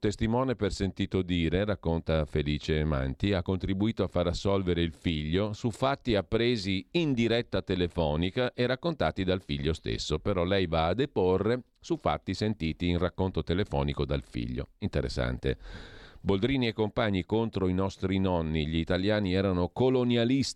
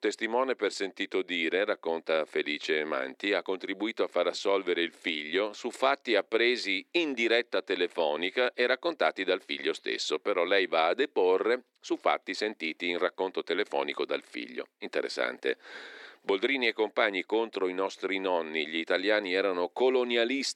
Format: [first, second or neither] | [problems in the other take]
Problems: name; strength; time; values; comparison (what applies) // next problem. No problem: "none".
first | thin; somewhat; fading below 300 Hz